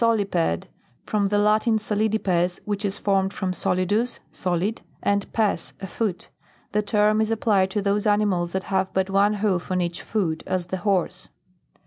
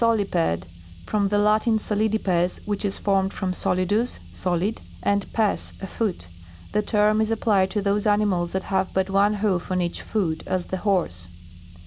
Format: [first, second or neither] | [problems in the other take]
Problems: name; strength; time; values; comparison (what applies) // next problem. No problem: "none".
first | background sound (Car); 18 dB below the speech